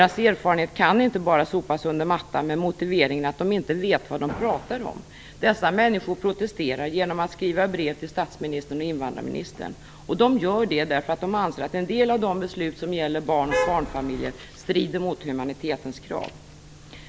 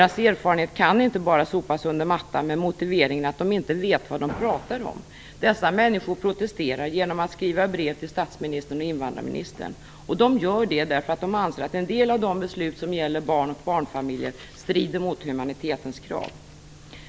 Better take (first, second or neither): second